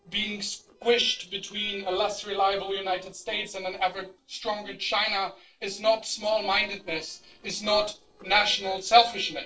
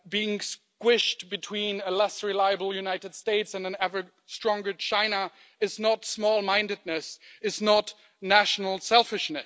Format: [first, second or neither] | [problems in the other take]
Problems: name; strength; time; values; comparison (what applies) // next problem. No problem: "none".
second | noise reduction (neural separator model SepFormer DNS4)